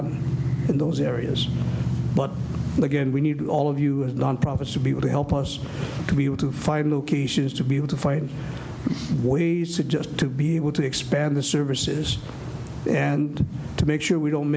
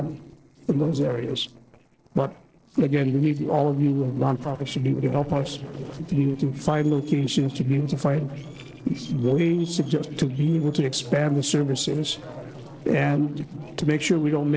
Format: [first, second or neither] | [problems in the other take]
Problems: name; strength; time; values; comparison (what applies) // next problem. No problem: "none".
first | noise reduction (neural separator model SepFormer DNS4)